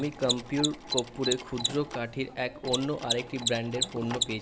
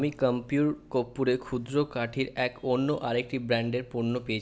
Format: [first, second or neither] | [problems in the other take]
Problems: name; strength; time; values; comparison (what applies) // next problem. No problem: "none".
second | background sound (Mechanisms); 3 dB below the speech